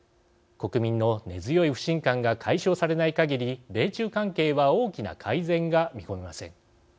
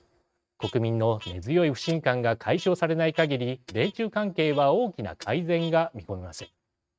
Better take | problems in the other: first | noise reduction (neural mask model RNNoise)

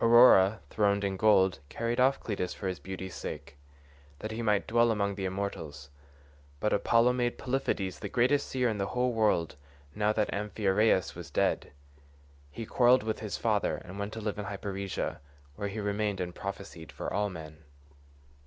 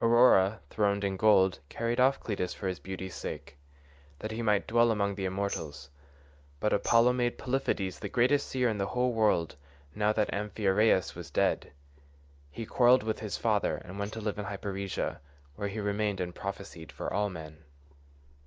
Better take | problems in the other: first | noise reduction (neural mask model DeepFilterNet 3)

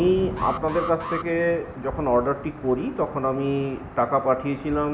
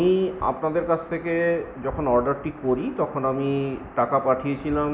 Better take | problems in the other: second | background sound (Alarm + Thunder / Rain); 12 dB below the speech

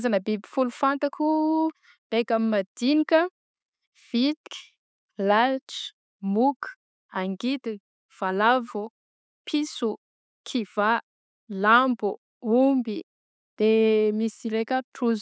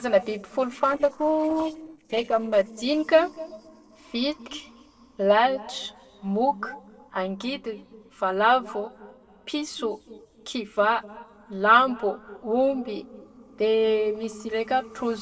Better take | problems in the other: first | noise reduction (neural separator model SepFormer DNS4)

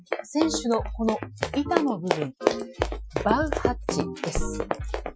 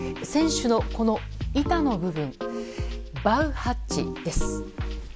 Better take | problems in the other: second | noise reduction (classical method Wiener filter)

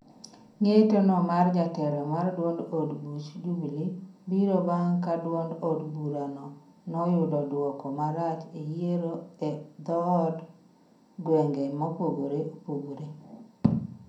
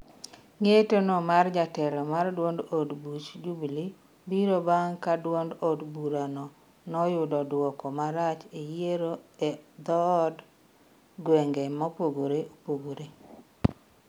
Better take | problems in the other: second | room echo; dies away in 0.6 s

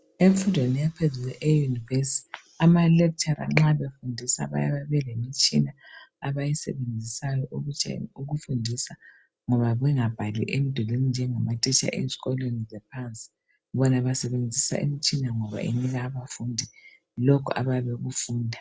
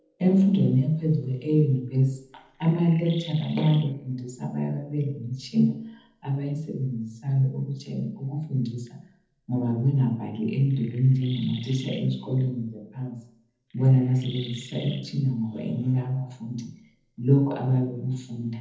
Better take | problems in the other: first | noise reduction (neural separator model SepFormer DNS4)

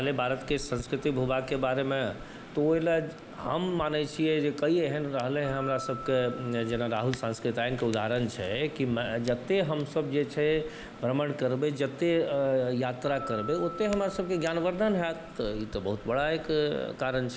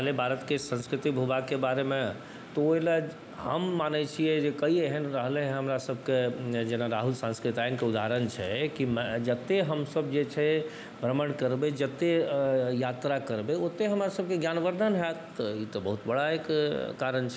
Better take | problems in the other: second | background sound (Hands + Keyboard (musical)); 17 dB below the speech

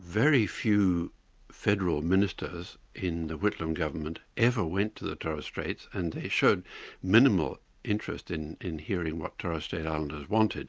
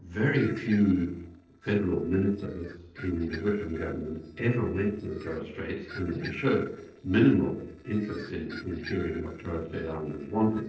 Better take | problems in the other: first | noise reduction (neural separator model SepFormer DNS4)

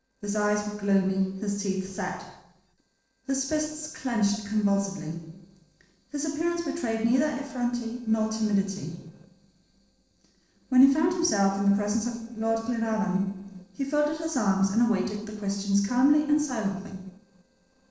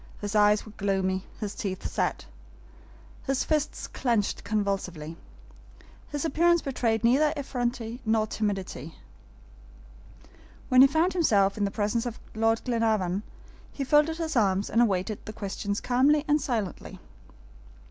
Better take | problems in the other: second | noise reduction (neural separator model SepFormer DNS4)

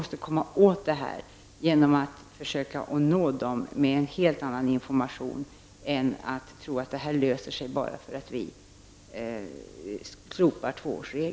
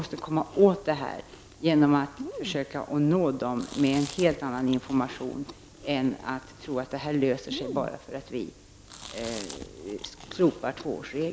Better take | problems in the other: first | background sound (Chewing, mastication); 16 dB below the speech

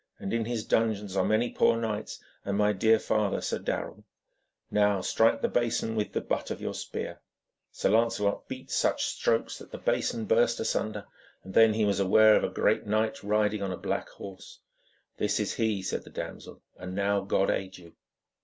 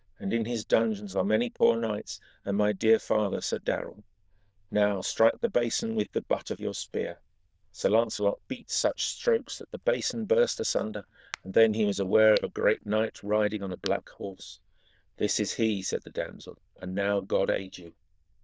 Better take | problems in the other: first | noise reduction (neural diffusion model UNIVERSE++)

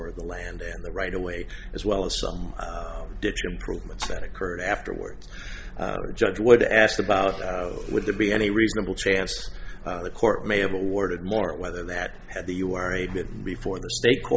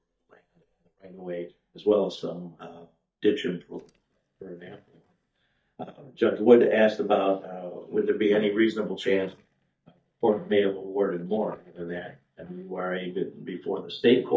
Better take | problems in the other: first | noise reduction (neural mask model DeepFilterNet 3)

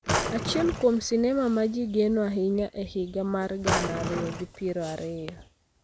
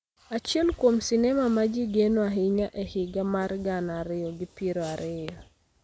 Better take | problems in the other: second | background sound (Drawer open or close); 3 dB below the speech

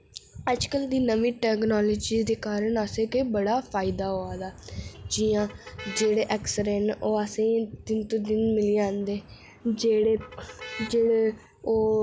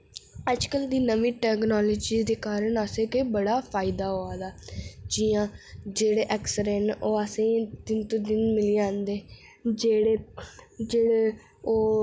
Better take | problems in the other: second | background sound (Motor vehicle (road)); 18 dB below the speech

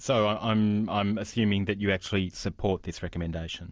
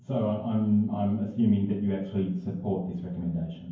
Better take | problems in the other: first | room echo; dies away in 0.9 s

